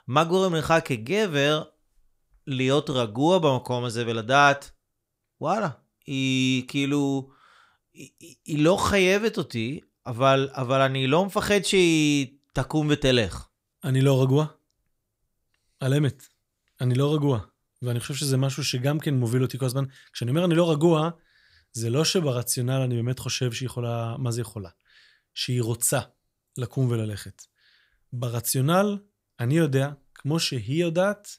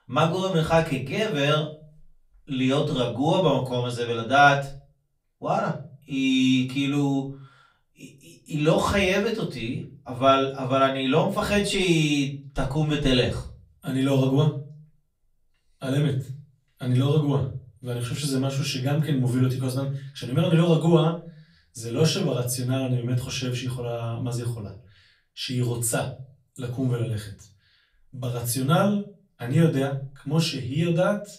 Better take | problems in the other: first | off-mic speech; far // room echo; slight; dies away in 0.3 s

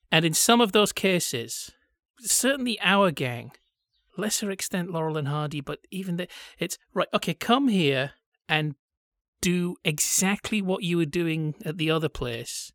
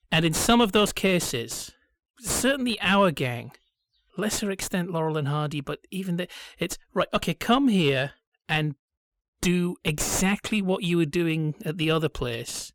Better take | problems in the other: first | distortion; slight; 7 dB below the speech

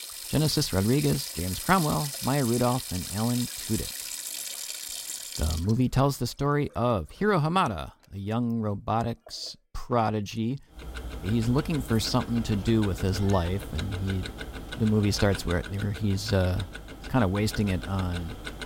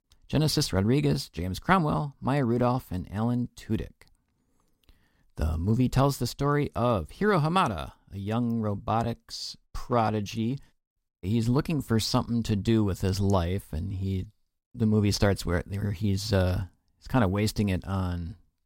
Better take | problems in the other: second | household noises; loud; throughout; 8 dB below the speech

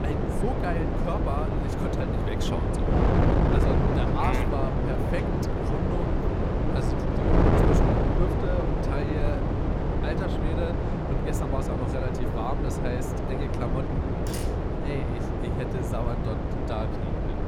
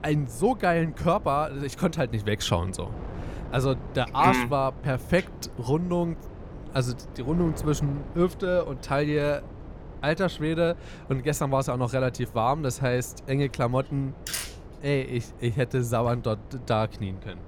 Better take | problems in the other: second | wind noise on the microphone; heavy; 4 dB above the speech; occasional gusts in the second

